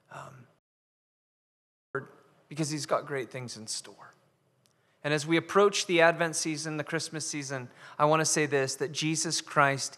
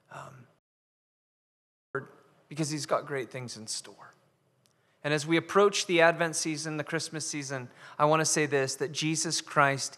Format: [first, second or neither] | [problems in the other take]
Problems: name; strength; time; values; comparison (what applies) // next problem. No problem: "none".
neither | audio cutting out; at 0.5 s for 1.5 s; the same in both